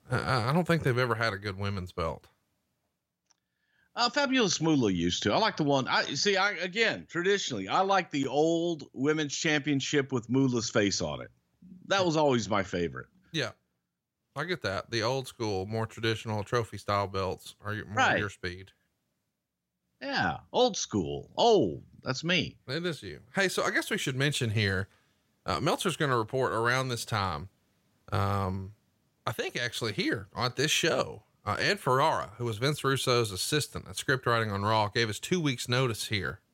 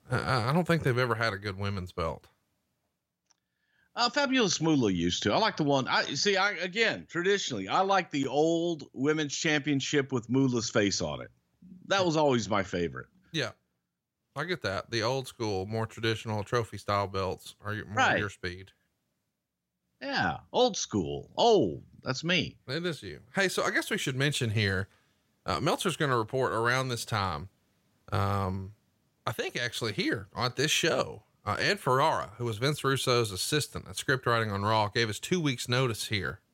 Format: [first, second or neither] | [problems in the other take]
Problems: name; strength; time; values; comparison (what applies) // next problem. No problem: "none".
neither | none